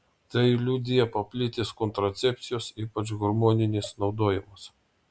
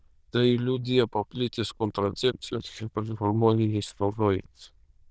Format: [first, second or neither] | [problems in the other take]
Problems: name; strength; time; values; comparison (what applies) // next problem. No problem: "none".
first | noise reduction (neural diffusion model UNIVERSE++)